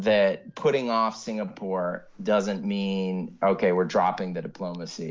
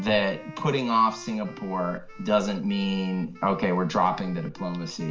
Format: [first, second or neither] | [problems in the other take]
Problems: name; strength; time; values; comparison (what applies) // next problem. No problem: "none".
first | background sound (Wind instrument, woodwind instrument); 20 dB below the speech // room echo; dies away in 0.4 s